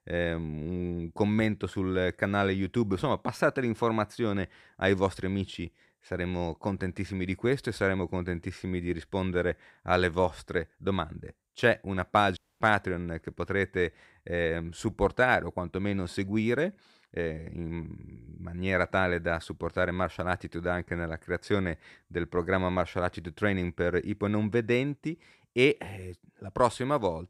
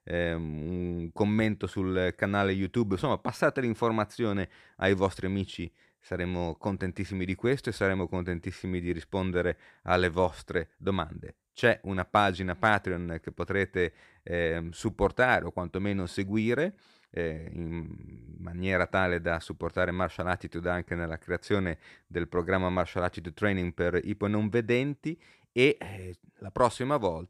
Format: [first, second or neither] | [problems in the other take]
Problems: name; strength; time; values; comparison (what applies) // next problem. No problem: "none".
second | audio cutting out; at 12 s